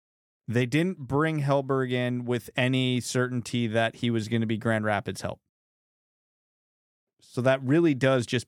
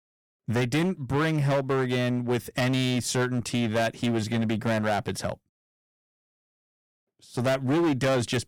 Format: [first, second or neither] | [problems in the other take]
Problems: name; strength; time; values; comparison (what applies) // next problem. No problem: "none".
first | distortion; heavy; 14% of the sound clipped